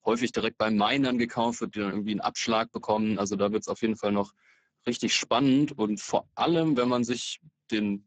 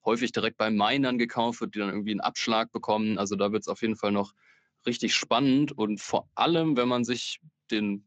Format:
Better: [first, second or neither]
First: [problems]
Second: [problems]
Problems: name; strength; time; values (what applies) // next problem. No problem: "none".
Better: second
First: garbled, watery; badly; nothing above 7.5 kHz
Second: garbled, watery; slightly; nothing above 7.5 kHz